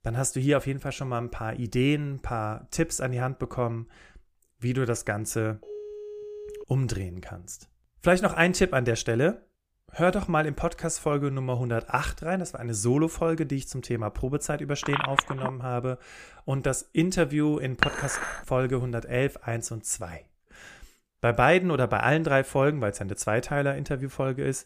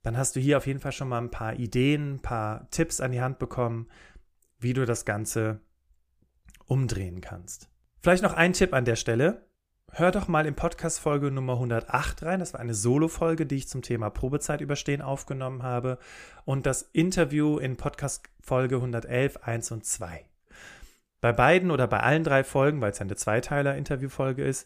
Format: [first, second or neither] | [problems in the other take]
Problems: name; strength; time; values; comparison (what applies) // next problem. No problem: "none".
second | phone ringing; faint; from 5.5 to 6.5 s; peak 10 dB below the speech // phone ringing; loud; at 15 s; peak 1 dB above the speech // clattering dishes; loud; at 18 s; peak 1 dB above the speech